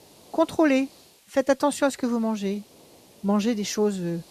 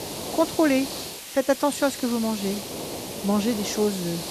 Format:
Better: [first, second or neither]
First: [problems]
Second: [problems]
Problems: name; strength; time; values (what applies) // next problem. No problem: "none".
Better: first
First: hiss; faint; throughout; 25 dB below the speech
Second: hiss; loud; throughout; 7 dB below the speech